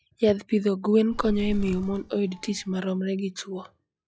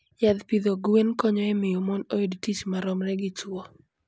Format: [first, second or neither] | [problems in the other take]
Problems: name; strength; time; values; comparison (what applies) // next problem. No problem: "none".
second | noise reduction (classical method log-MMSE)